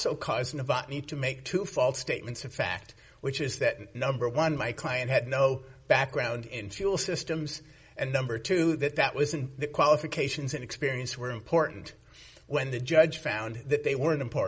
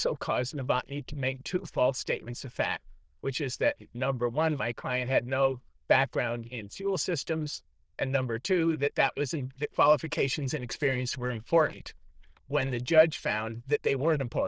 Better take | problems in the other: first | noise reduction (neural diffusion model UNIVERSE++)

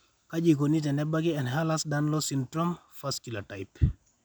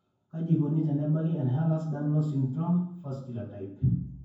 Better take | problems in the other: first | room echo; dies away in 0.9 s

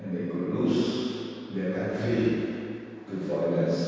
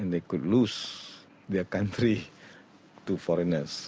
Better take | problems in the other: second | room echo; dies away in 2.2 s

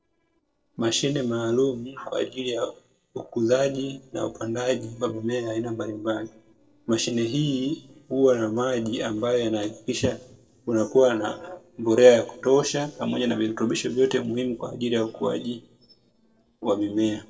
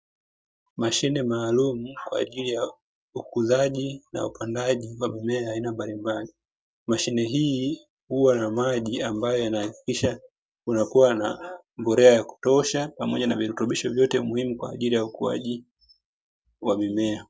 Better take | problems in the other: second | noise reduction (neural separator model SepFormer DNS4)

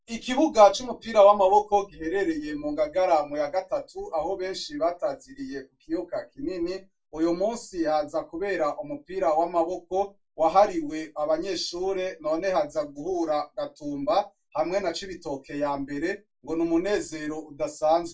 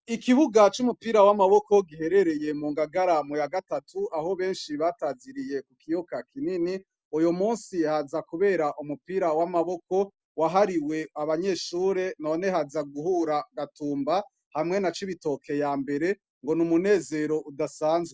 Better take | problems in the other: second | room echo; dies away in 0.2 s

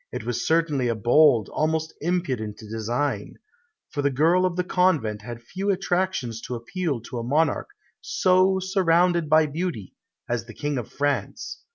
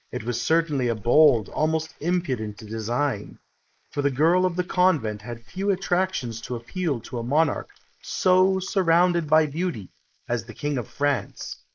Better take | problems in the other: first | noise reduction (neural mask model Resemble Enhance denoiser)

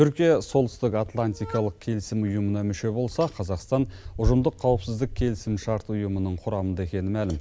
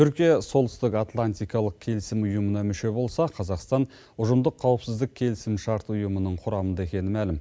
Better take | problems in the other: second | background sound (Bicycle); 12 dB below the speech

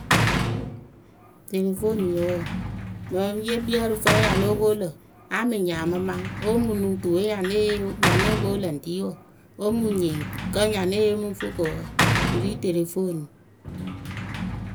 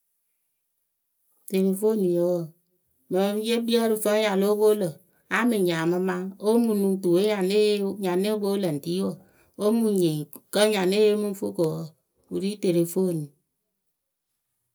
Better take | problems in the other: second | background sound (Sliding door / Slam); 2 dB below the speech

